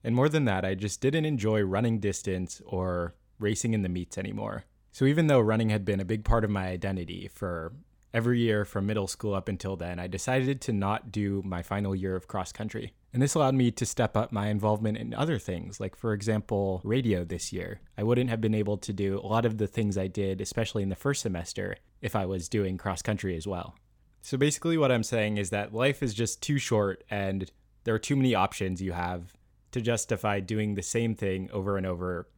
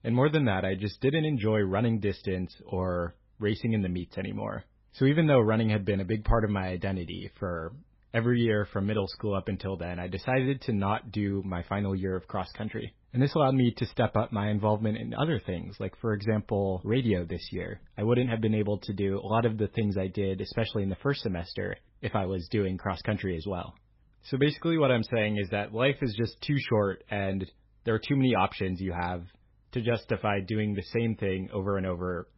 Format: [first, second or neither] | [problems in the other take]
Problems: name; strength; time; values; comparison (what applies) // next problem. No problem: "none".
first | garbled, watery; badly; nothing above 5.5 kHz